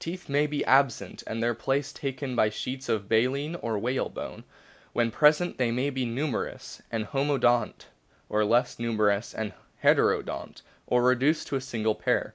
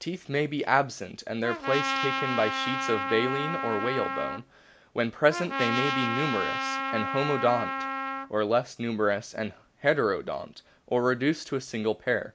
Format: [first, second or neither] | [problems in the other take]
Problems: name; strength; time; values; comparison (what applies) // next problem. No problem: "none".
first | background sound (Trumpet); 3 dB below the speech